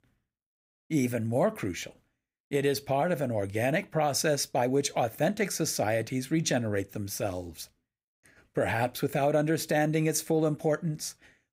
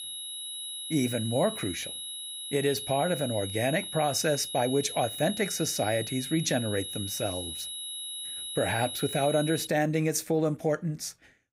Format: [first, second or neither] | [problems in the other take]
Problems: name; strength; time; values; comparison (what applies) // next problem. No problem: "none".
first | high-pitched whine; loud; until 9.5 s; 4 kHz, 6 dB below the speech